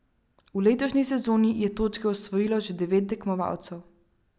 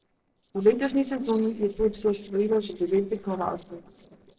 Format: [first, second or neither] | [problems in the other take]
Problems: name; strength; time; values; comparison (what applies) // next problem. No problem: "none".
first | noise reduction (neural separator model SepFormer DNS4)